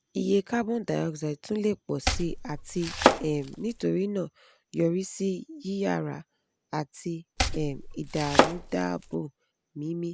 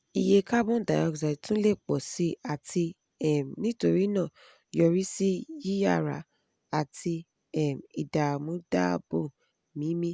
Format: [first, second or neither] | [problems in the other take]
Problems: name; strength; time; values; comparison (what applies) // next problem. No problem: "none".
second | background sound (Domestic sounds, home sounds); 2 dB above the speech